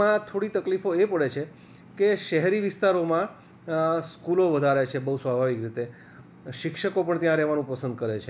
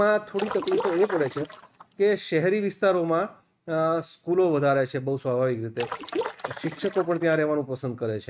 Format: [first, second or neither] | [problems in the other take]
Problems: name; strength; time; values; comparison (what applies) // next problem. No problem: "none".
first | noise reduction (neural mask model RNNoise)